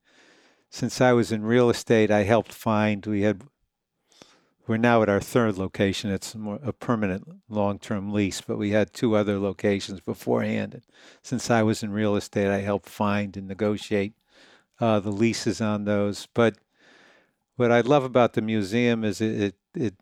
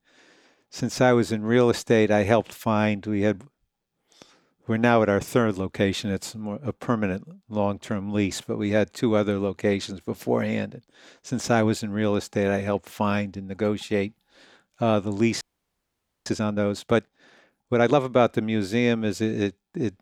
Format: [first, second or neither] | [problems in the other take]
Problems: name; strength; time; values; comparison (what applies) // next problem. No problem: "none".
first | audio freezing; at 15 s for 1 s